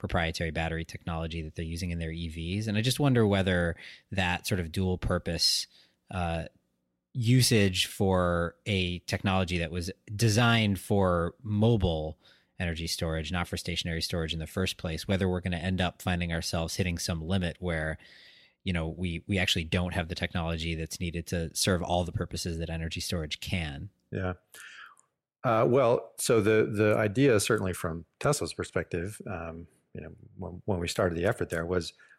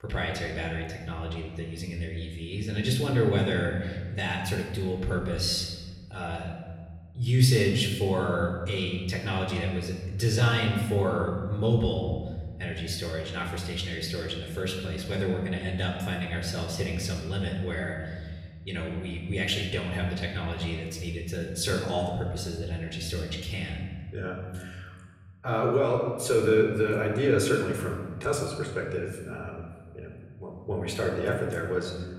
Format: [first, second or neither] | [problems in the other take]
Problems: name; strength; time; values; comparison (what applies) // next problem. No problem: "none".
first | room echo; noticeable; dies away in 1.3 s // off-mic speech; far